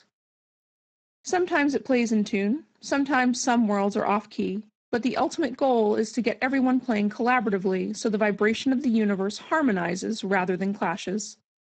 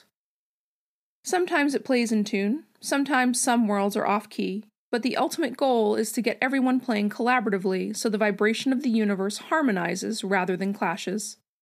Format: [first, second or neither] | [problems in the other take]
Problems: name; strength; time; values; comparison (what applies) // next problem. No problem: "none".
second | garbled, watery; badly; nothing above 7.5 kHz